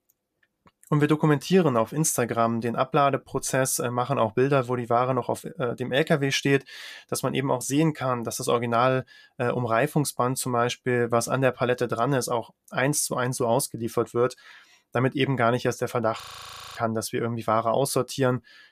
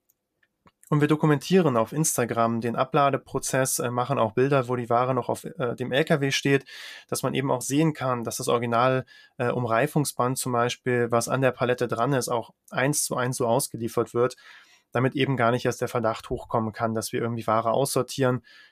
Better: second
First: audio freezing; at 16 s for 0.5 s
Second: none

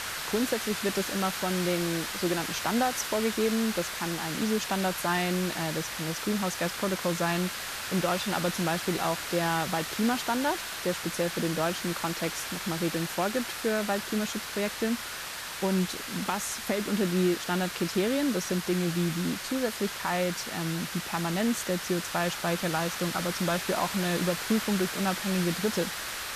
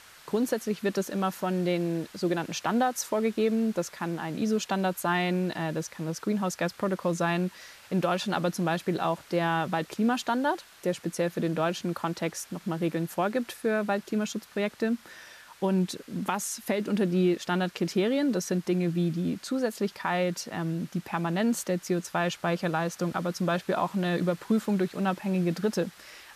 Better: second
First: hiss; loud; throughout; 4 dB below the speech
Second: hiss; faint; throughout; 20 dB below the speech

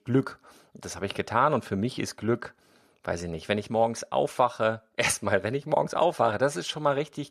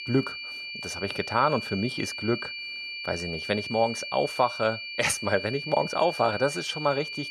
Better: first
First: none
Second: high-pitched whine; loud; throughout; 2.5 kHz, 6 dB below the speech

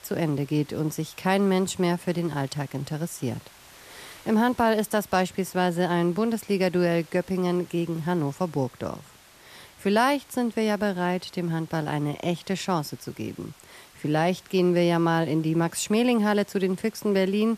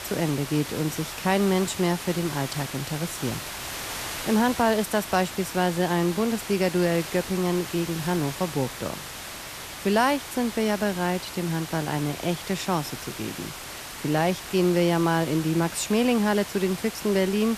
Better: first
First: hiss; faint; throughout; 25 dB below the speech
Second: hiss; loud; throughout; 9 dB below the speech

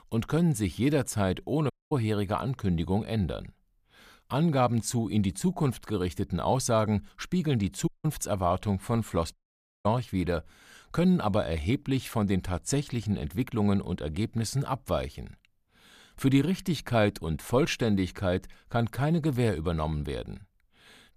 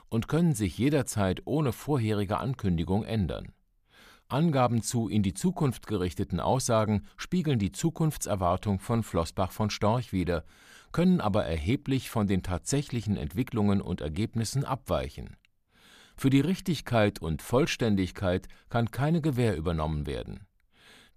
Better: second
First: audio cutting out; at 1.5 s, at 8 s and at 9.5 s for 0.5 s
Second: none

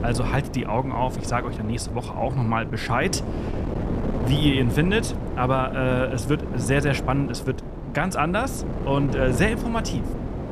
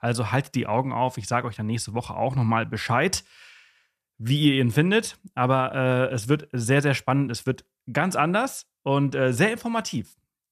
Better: second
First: wind noise on the microphone; heavy; 9 dB below the speech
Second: none

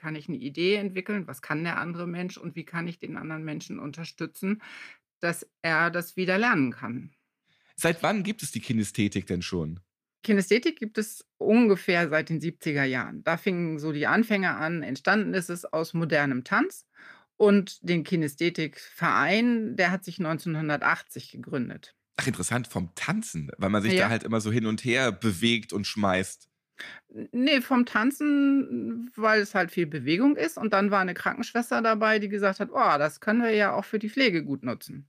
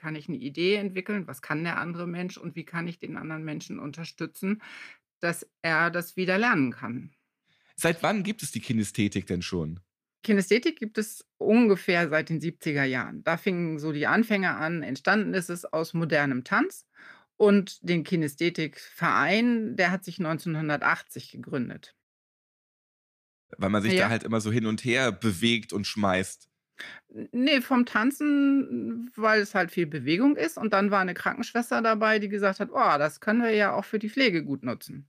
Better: first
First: none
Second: audio cutting out; at 22 s for 1.5 s

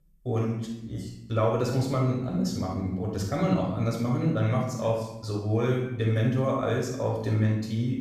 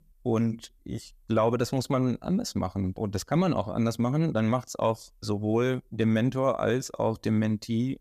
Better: second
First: off-mic speech; far // room echo; noticeable; dies away in 0.8 s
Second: none

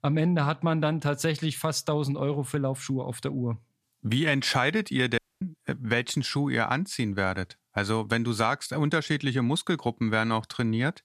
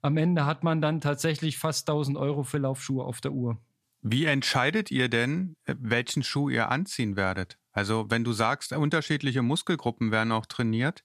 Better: second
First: audio cutting out; at 5 s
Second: none

